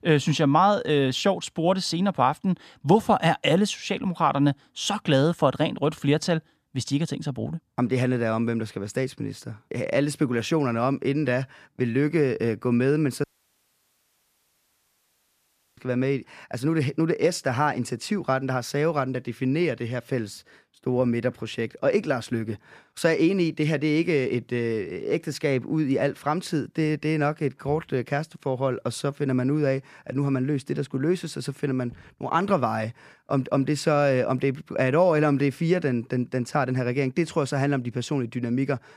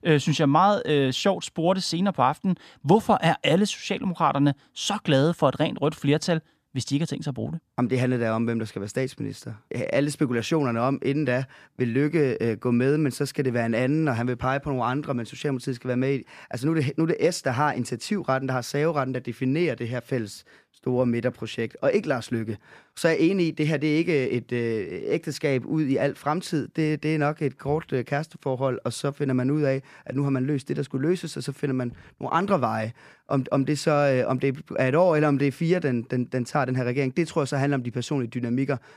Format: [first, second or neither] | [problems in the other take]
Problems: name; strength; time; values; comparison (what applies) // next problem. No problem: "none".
second | audio cutting out; at 13 s for 2.5 s